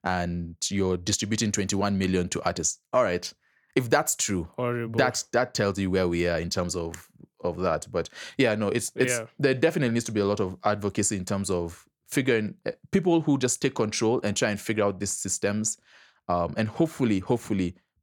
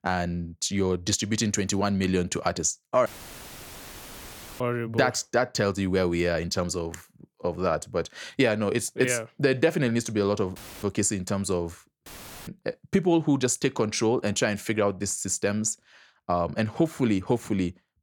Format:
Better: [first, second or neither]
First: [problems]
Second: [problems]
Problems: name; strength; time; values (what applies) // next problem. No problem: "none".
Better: first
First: none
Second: audio cutting out; filled with static; at 3 s for 1.5 s, at 11 s and at 12 s